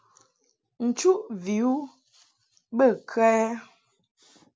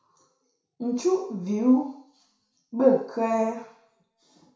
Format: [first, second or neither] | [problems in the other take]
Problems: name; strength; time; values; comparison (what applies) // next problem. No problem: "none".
first | room echo; dies away in 0.6 s